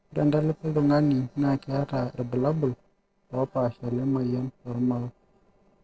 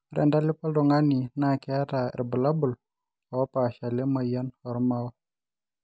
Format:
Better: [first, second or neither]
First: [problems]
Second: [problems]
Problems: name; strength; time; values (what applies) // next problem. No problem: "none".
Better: second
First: noise reduction (neural separator model SepFormer DNS4)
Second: none